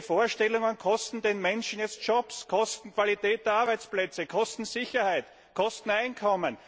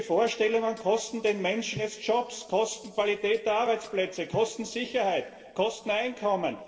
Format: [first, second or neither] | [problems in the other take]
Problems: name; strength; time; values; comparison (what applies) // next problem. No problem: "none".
first | noise reduction (neural separator model SepFormer DNS4)